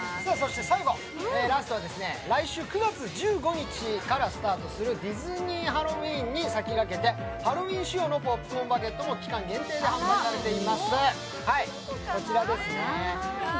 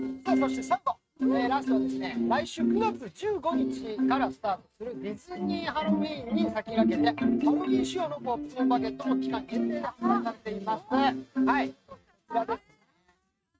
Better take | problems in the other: first | noise reduction (neural mask model RNNoise)

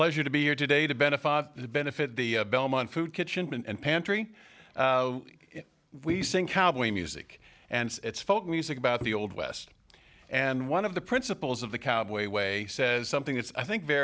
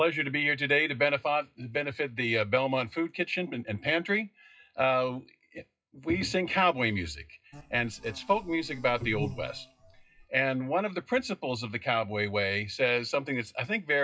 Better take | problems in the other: first | noise reduction (classical method WPE with log-MMSE)

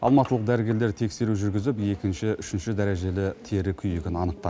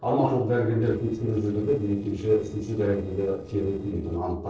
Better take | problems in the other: first | noise reduction (neural separator model SepFormer DNS4)

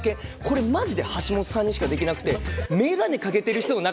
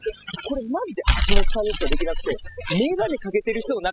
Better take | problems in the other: first | noise reduction (classical method spectral subtraction)

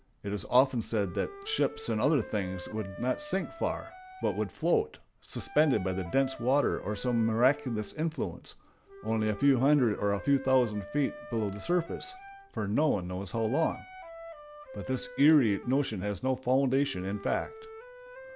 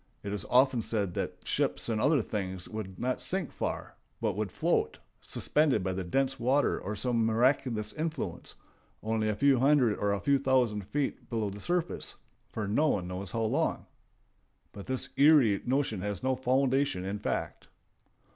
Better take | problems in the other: second | background sound (Wind instrument, woodwind instrument); 17 dB below the speech

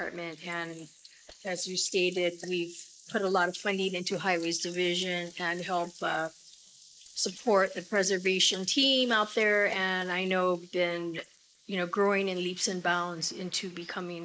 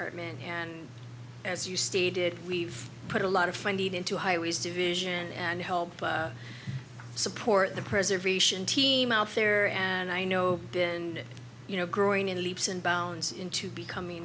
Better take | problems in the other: second | noise reduction (neural mask model Resemble Enhance denoiser)

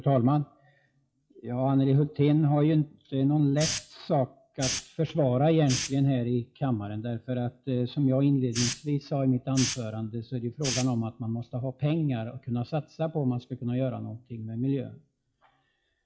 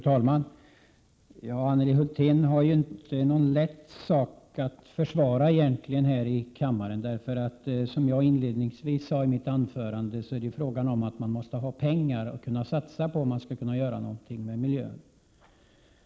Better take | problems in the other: second | noise reduction (classical method WPE with log-MMSE)

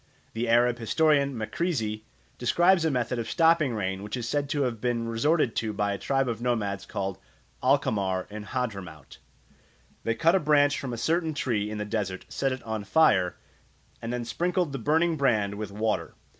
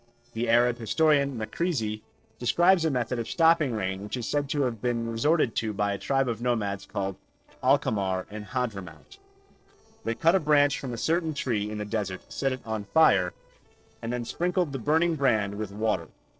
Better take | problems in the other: first | noise reduction (neural separator model SepFormer DNS4)

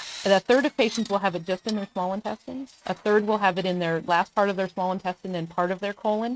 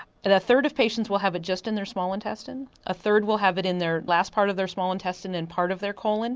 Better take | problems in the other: second | noise reduction (neural mask model RNNoise)

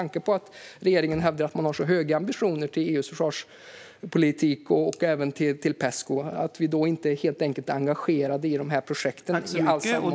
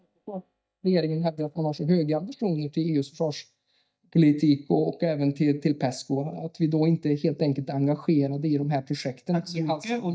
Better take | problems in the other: first | noise reduction (neural mask model DeepFilterNet 3)

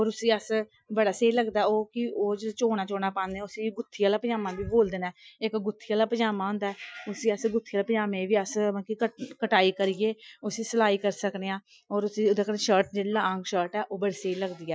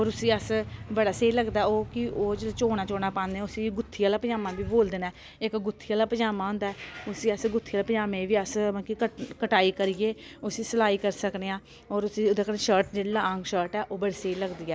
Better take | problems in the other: second | noise reduction (classical method Wiener filter)

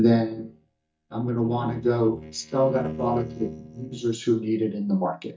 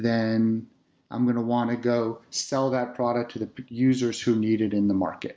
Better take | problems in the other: second | noise reduction (neural mask model DeepFilterNet 3)

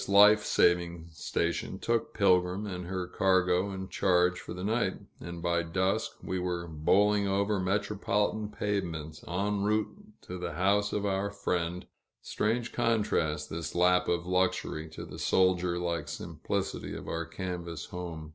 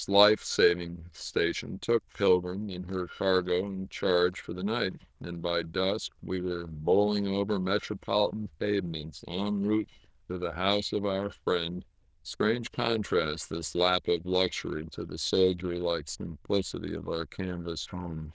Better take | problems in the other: first | noise reduction (neural diffusion model UNIVERSE++)

